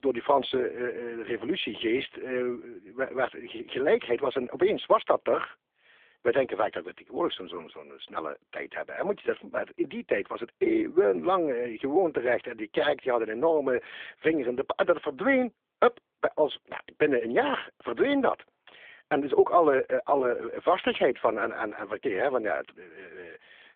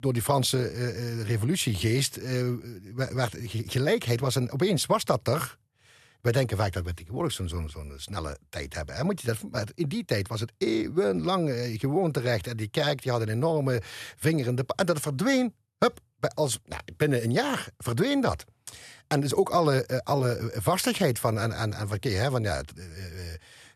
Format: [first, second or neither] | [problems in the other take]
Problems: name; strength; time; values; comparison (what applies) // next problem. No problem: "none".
second | phone-call audio; nothing above 3.5 kHz